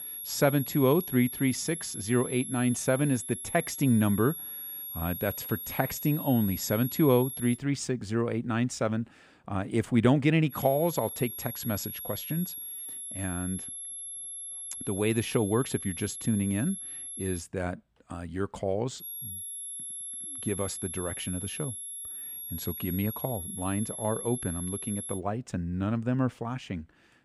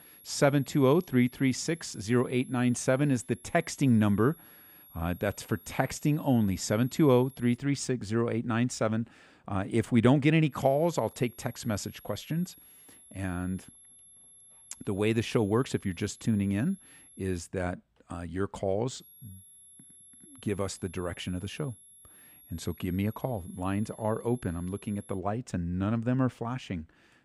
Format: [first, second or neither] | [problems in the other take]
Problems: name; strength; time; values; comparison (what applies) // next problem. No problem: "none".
second | high-pitched whine; loud; until 7.5 s, from 11 to 17 s and from 19 to 25 s; 11 kHz, 7 dB below the speech; faint in the second